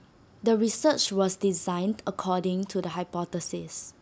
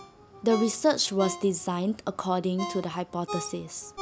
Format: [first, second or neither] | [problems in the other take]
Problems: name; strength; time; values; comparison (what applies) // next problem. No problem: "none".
first | background sound (Ringtone); 12 dB below the speech